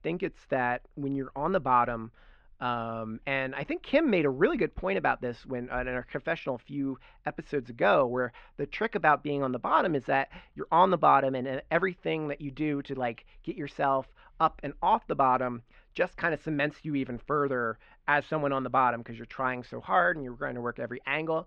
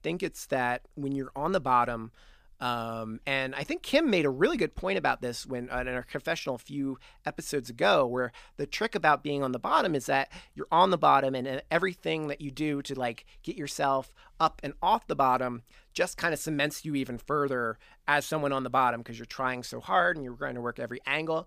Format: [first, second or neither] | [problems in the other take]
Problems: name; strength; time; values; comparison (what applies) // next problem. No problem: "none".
second | muffled; very; fading above 2.5 kHz